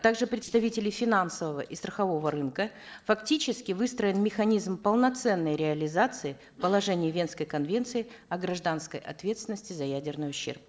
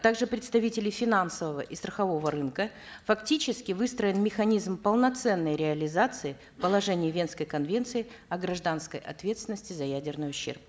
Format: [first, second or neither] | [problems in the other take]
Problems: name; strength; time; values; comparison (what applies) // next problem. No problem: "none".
second | noise reduction (neural separator model SepFormer DNS4)